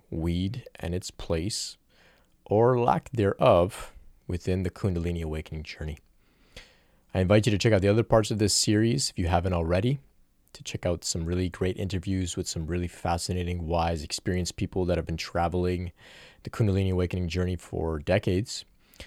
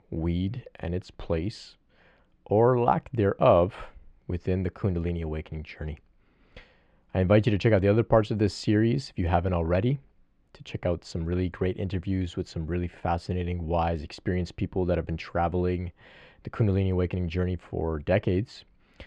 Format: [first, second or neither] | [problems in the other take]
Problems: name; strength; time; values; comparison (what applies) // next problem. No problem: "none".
first | muffled; slightly; fading above 2.5 kHz